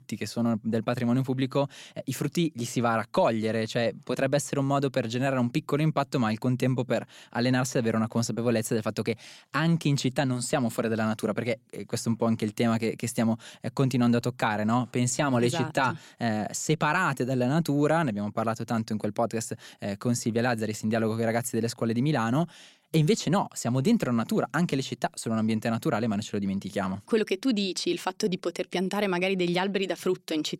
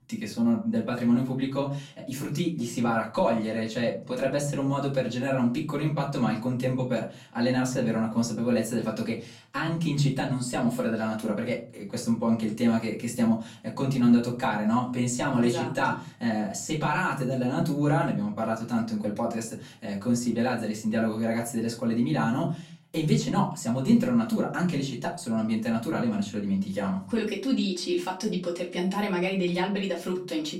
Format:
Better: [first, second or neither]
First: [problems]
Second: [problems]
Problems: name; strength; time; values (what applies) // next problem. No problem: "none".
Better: first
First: none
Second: off-mic speech; far // room echo; slight; dies away in 0.3 s